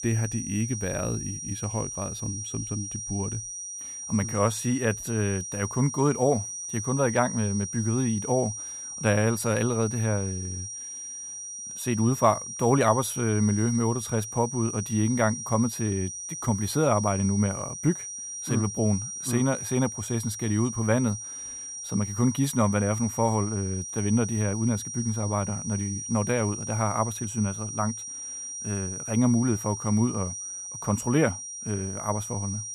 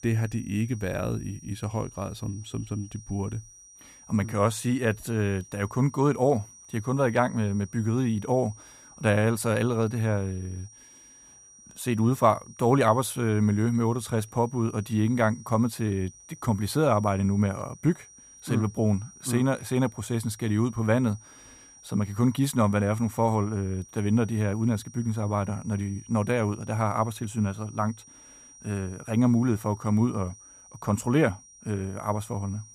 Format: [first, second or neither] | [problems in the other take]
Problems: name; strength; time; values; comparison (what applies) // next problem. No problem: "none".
second | high-pitched whine; loud; throughout; 5.5 kHz, 7 dB below the speech; faint in the second